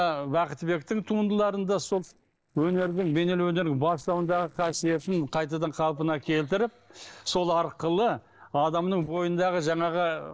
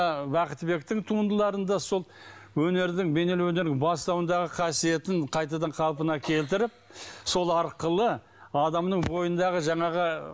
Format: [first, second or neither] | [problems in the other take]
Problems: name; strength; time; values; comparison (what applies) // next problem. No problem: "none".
second | noise reduction (neural separator model SepFormer DNS4)